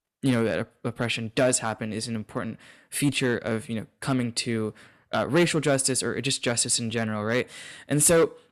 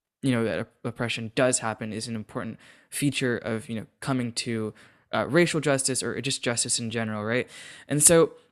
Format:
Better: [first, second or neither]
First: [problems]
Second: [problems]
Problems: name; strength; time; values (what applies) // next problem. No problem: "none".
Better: second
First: distortion; slight; 3% of the sound clipped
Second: none